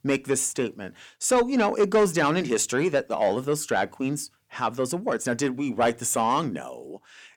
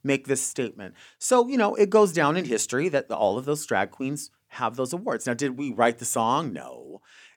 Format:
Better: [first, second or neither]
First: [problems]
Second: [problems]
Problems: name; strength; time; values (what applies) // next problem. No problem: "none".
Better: second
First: distortion; slight; 10 dB below the speech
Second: none